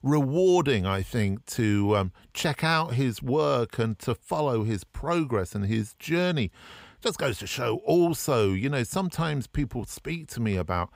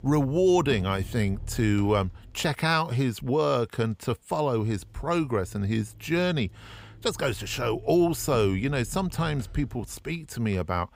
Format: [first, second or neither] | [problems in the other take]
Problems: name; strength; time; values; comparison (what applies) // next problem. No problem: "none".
first | traffic noise; noticeable; throughout; 15 dB below the speech